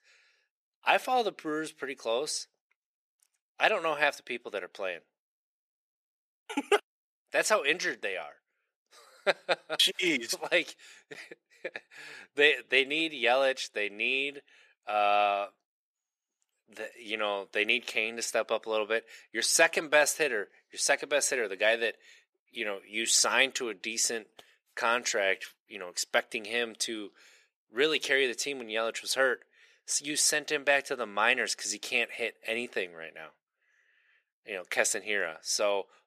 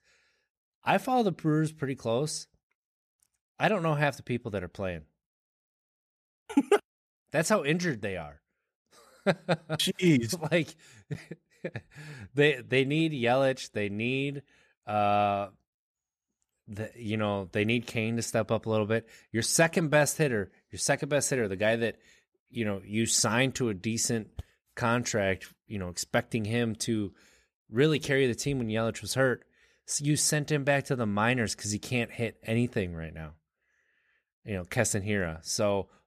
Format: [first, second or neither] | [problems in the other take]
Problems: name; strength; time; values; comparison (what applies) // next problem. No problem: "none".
second | thin; very; fading below 400 Hz